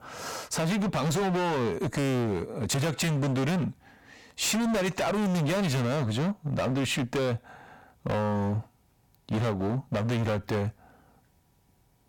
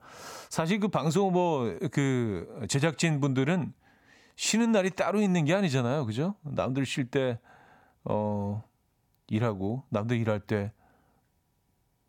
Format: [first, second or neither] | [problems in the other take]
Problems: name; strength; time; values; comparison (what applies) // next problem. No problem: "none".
second | distortion; heavy; 29% of the sound clipped